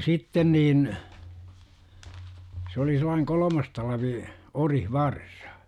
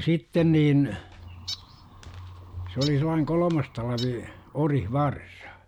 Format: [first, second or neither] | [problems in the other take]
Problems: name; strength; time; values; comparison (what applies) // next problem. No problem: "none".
first | background sound (Bird); 17 dB below the speech